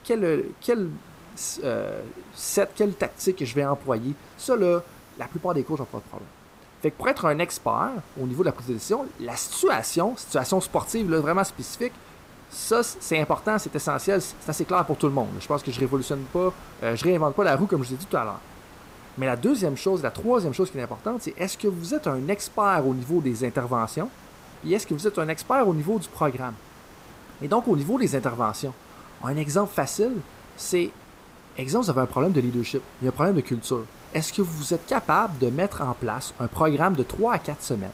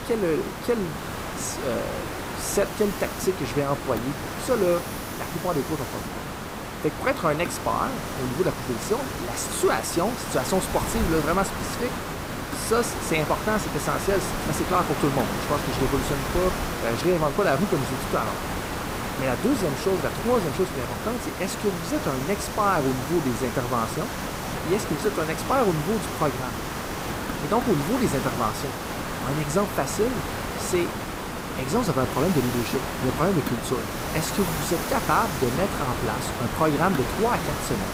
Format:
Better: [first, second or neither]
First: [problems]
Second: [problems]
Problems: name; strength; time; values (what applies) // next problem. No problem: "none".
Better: first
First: hiss; faint; throughout; 20 dB below the speech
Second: hiss; loud; throughout; 4 dB below the speech